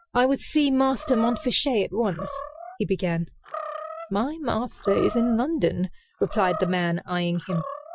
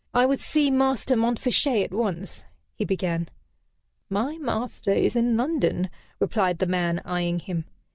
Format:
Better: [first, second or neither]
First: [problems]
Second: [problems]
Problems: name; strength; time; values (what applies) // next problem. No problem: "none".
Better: second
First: noise reduction (classical method Wiener filter)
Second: none